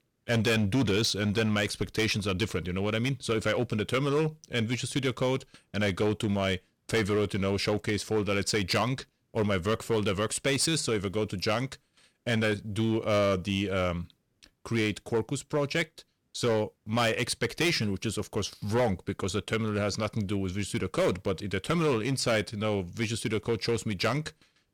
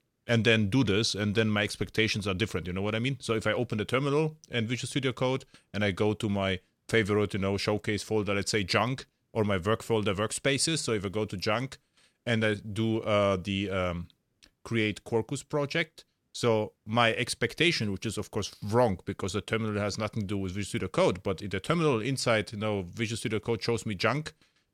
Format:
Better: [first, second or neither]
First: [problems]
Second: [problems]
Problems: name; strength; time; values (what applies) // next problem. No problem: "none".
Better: second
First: distortion; slight; 6% of the sound clipped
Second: none